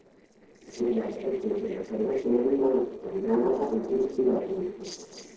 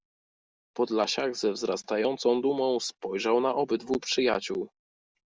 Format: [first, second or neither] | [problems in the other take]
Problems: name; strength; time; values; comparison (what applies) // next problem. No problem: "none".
second | noise reduction (neural separator model SepFormer DNS4)